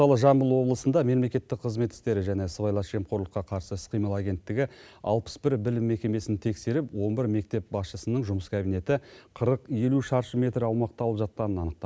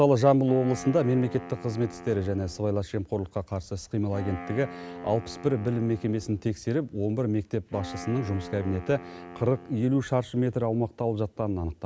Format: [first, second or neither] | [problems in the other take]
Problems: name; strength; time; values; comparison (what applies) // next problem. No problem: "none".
first | background sound (Wind instrument, woodwind instrument); 16 dB below the speech